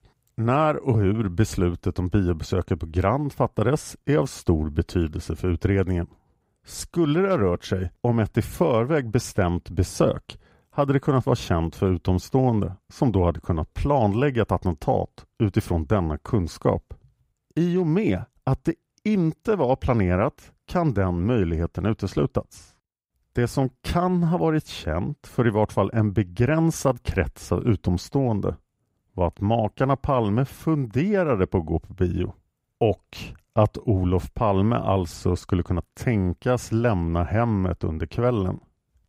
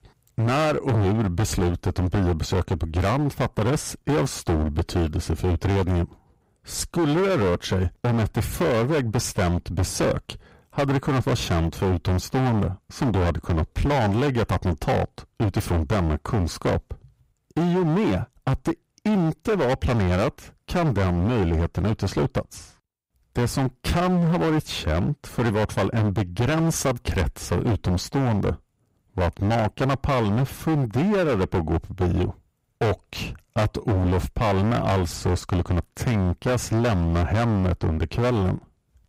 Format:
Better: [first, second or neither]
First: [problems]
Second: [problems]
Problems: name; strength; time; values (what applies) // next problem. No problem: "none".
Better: first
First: none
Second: distortion; heavy; 23% of the sound clipped